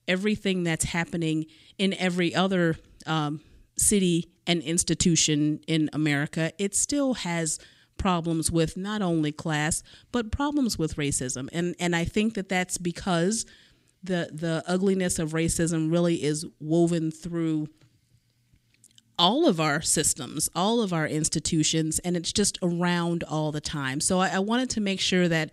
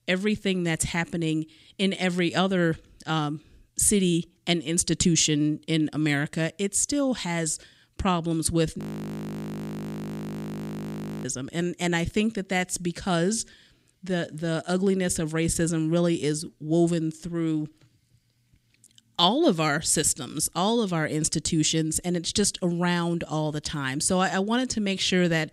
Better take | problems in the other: first | audio freezing; at 9 s for 2.5 s

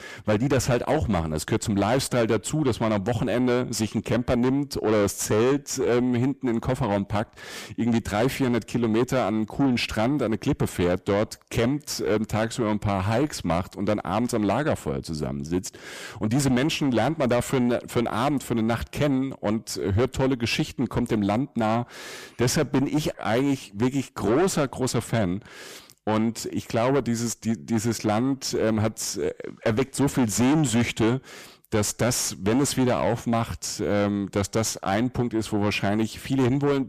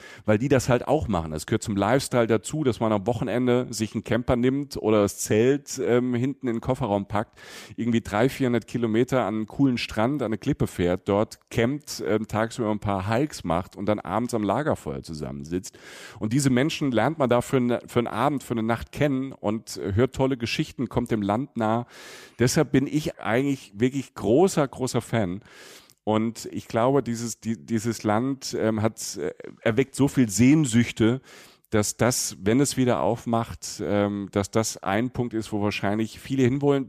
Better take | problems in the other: second | distortion; heavy; 7 dB below the speech

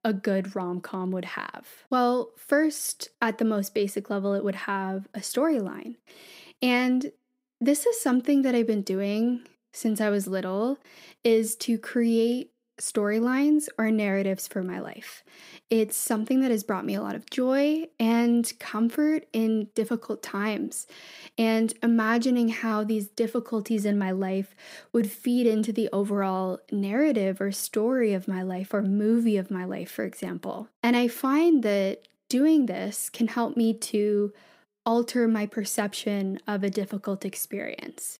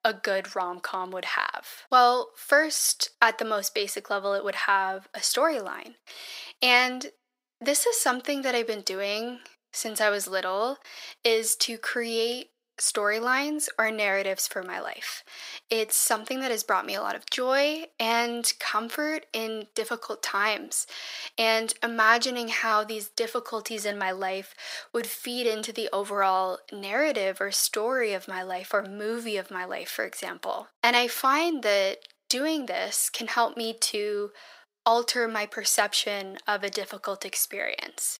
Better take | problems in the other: first | thin; very; fading below 650 Hz

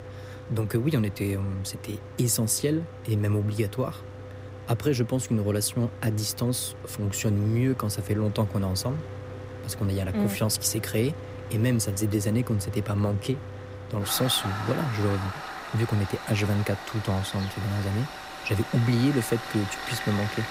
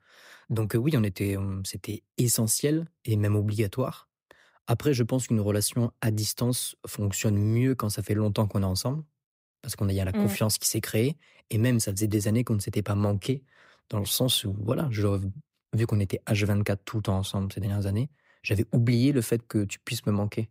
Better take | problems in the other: second | machinery noise; noticeable; throughout; 10 dB below the speech

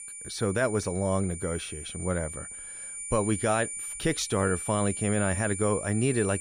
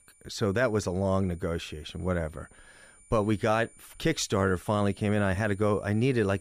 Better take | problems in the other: second | high-pitched whine; loud; throughout; 9 kHz, 6 dB below the speech; faint in the second

